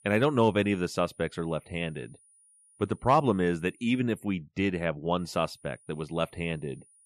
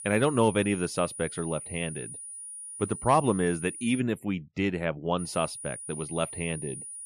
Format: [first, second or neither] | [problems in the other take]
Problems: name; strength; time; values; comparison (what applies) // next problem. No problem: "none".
first | high-pitched whine; loud; until 4 s and from 5 s on; 9.5 kHz, 9 dB below the speech; faint in the first